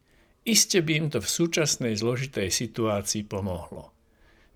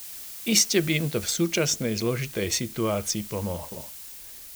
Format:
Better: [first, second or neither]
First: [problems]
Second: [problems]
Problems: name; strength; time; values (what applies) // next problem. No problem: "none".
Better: first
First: none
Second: hiss; noticeable; throughout; 15 dB below the speech